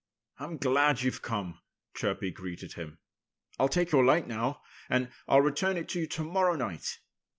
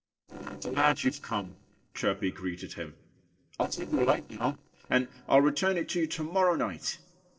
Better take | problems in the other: first | noise reduction (neural separator model SepFormer DNS4)

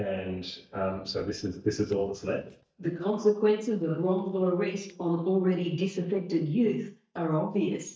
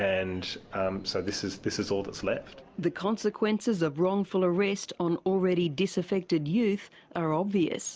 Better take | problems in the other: second | noise reduction (neural mask model DeepFilterNet 3)

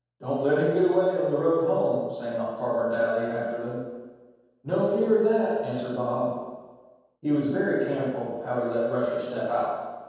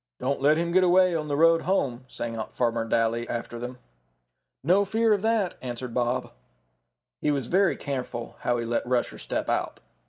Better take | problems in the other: second | room echo; dies away in 1.2 s

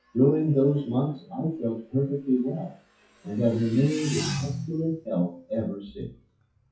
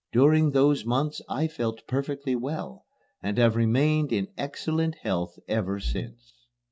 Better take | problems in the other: second | noise reduction (classical method WPE with log-MMSE)

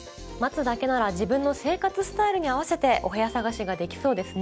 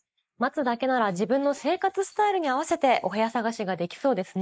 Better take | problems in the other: first | noise reduction (neural mask model Resemble Enhance denoiser)

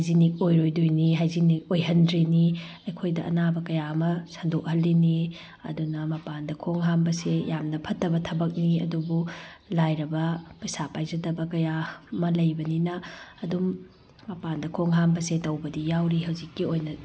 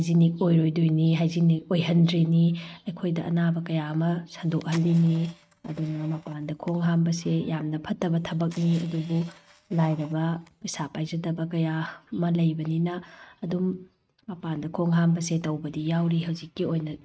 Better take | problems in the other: first | noise reduction (neural mask model RNNoise)

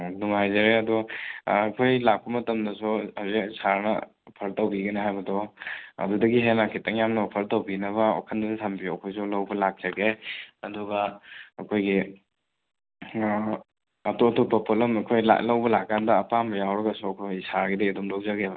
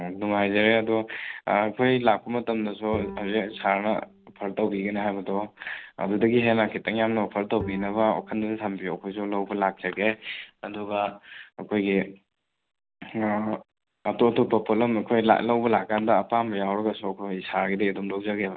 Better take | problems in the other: first | background sound (Bowed string instrument); 17 dB below the speech

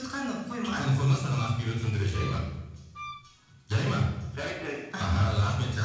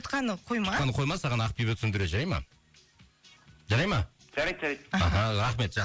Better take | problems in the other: second | background sound (Wind instrument, woodwind instrument); 15 dB below the speech // room echo; dies away in 1 s

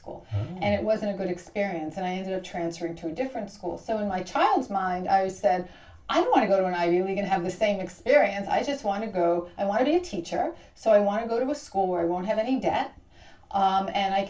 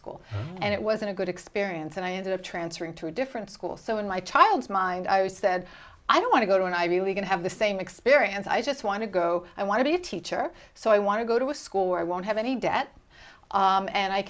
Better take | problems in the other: second | room echo; dies away in 0.2 s

